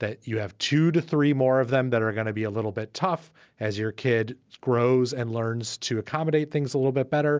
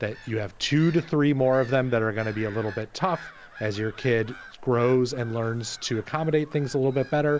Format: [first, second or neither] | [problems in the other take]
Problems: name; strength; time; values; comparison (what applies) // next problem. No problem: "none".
first | background sound (Gull, seagull / Bird vocalization, bird call, bird song); 19 dB below the speech